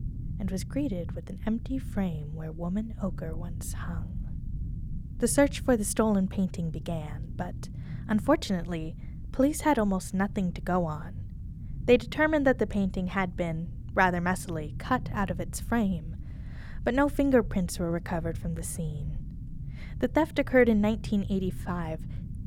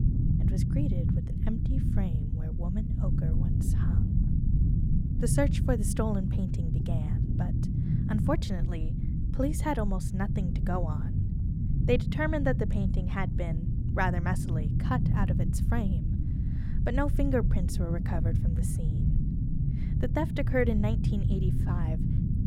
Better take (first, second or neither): first